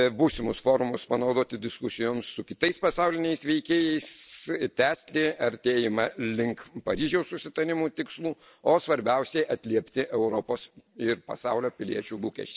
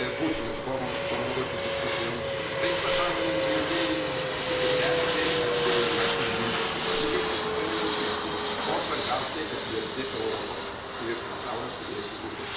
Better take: first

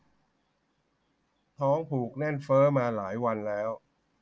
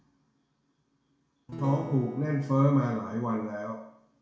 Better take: first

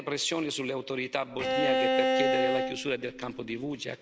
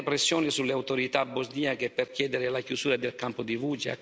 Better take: second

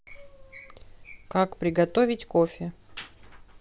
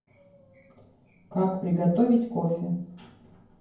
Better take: first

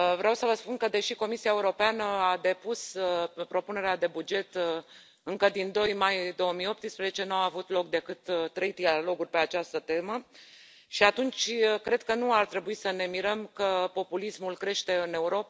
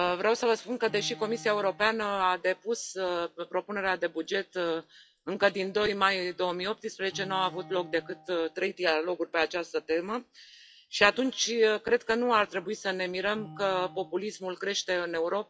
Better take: first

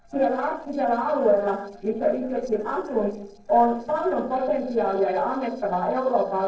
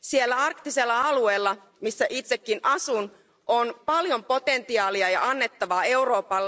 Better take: second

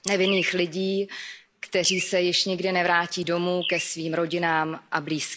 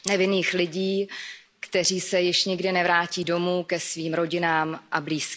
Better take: second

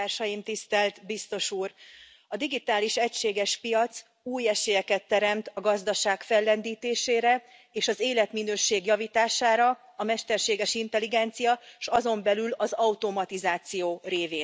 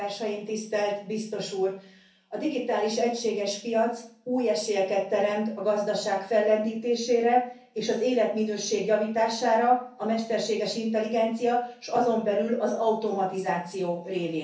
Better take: first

